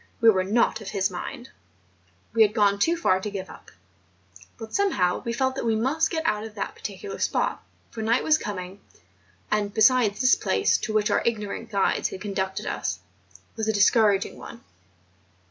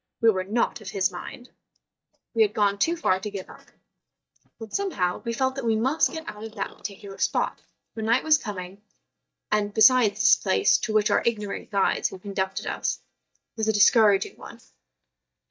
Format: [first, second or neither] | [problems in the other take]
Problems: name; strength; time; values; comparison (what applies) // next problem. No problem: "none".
first | noise reduction (neural mask model DeepFilterNet 3)